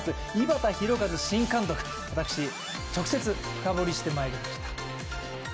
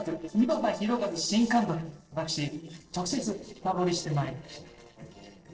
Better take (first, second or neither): first